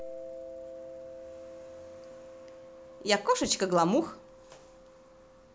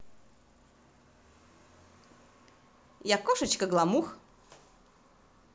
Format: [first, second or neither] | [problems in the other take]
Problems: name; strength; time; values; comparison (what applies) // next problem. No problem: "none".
second | background sound (Mallet percussion); 14 dB below the speech